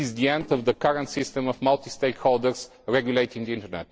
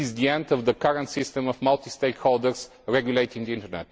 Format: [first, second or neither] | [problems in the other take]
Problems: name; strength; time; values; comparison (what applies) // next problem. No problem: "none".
second | noise reduction (neural separator model SepFormer DNS4)